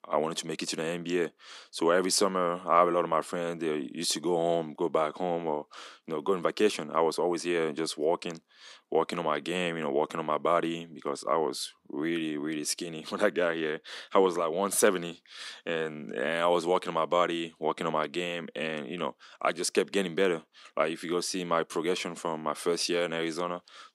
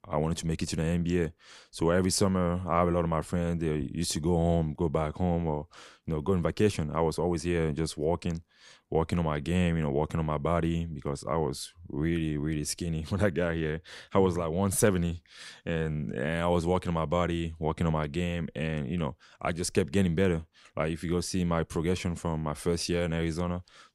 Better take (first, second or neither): second